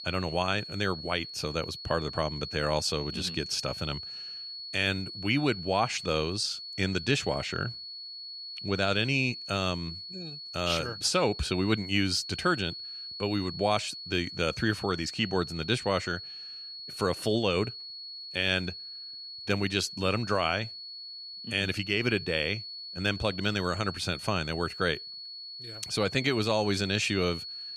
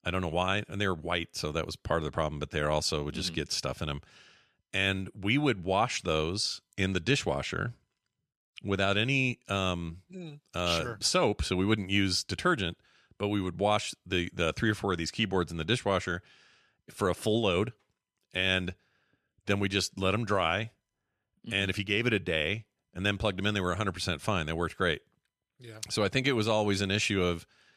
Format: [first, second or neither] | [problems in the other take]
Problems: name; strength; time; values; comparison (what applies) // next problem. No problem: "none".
second | high-pitched whine; loud; throughout; 4.5 kHz, 9 dB below the speech